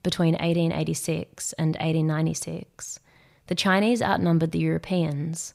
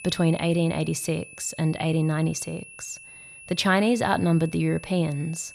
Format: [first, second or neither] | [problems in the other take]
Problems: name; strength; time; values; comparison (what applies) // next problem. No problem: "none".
first | high-pitched whine; noticeable; throughout; 2.5 kHz, 20 dB below the speech